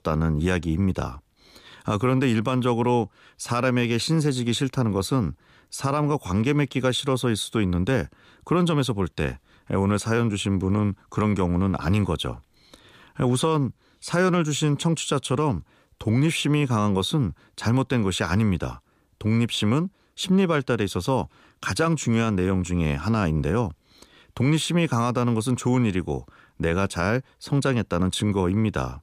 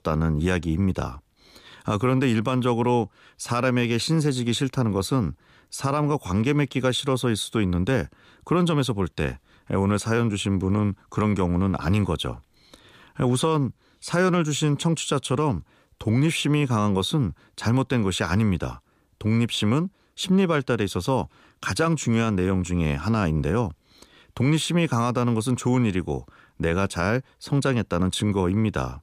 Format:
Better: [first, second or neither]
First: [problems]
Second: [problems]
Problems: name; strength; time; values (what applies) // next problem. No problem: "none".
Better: neither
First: none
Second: none